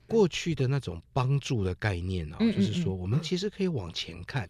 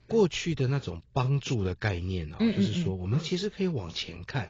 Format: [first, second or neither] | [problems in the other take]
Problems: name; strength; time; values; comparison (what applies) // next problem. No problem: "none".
first | garbled, watery; badly